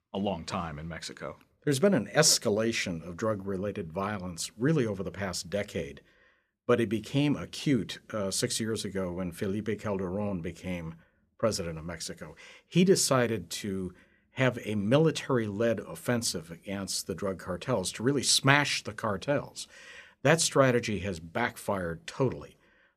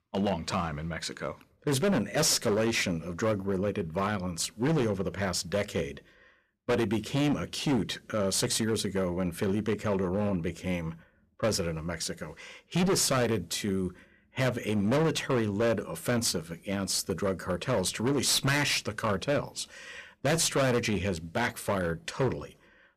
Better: first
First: none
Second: distortion; heavy; 12% of the sound clipped

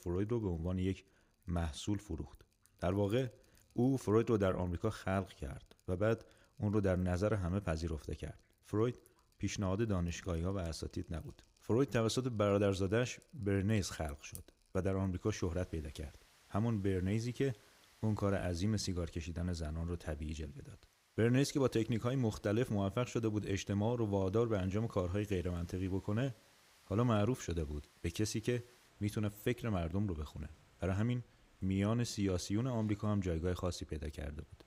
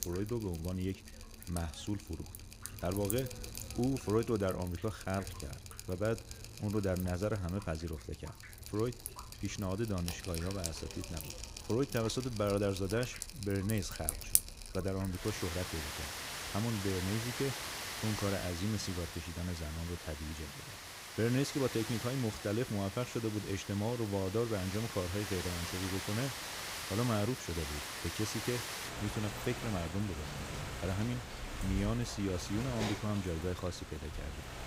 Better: first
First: rain or running water; faint; throughout; 30 dB below the speech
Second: rain or running water; loud; throughout; 5 dB below the speech

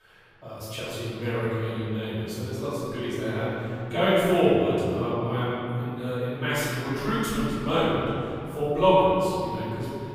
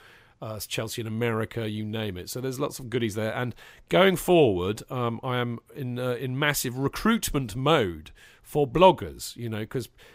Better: second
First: off-mic speech; far // room echo; strong; dies away in 2.6 s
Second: none

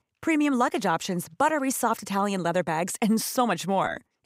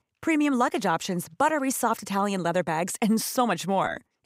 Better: neither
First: none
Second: none

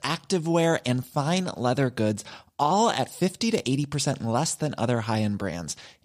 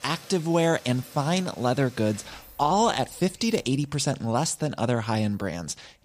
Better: first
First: none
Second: rain or running water; faint; throughout; 20 dB below the speech

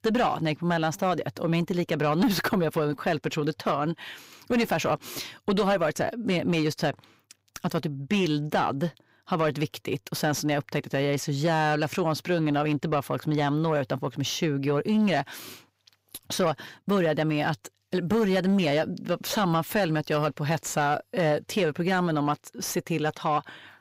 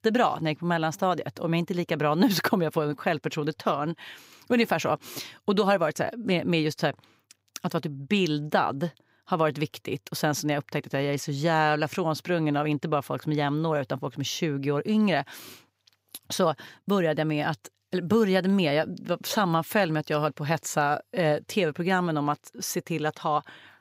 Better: second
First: distortion; slight; 10 dB below the speech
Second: none

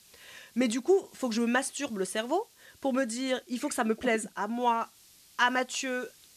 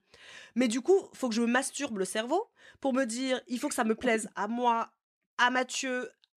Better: second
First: hiss; faint; throughout; 25 dB below the speech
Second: none

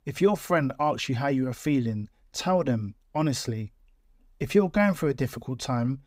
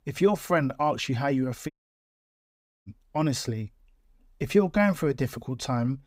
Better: first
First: none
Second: audio cutting out; at 1.5 s for 1 s

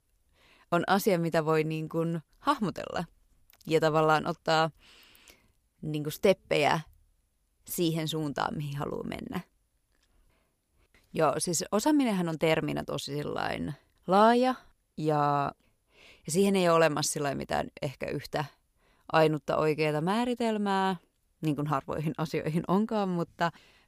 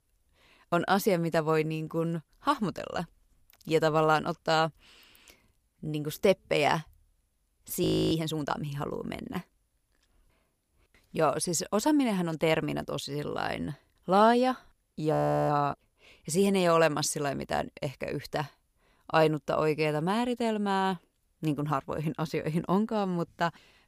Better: first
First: none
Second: audio freezing; at 8 s and at 15 s

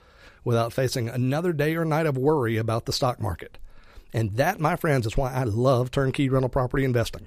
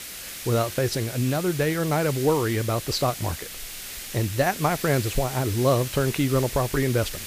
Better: first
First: none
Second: hiss; loud; throughout; 9 dB below the speech

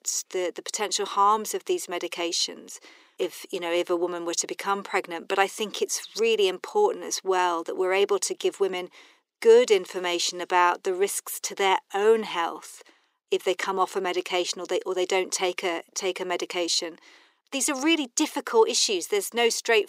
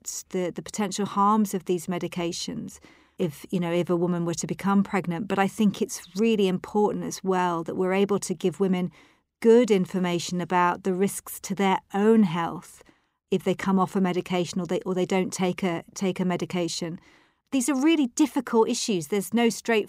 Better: second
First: thin; very; fading below 400 Hz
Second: none

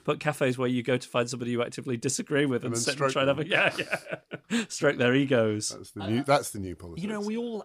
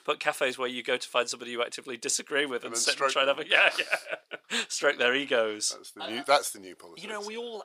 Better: first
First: none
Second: thin; somewhat; fading below 550 Hz

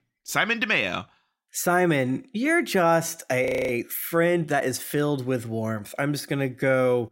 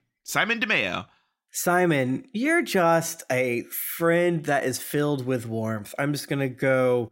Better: second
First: audio freezing; at 3.5 s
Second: none

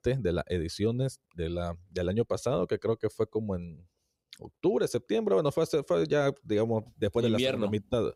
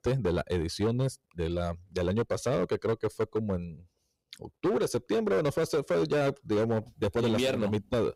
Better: first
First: none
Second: distortion; slight; 12% of the sound clipped

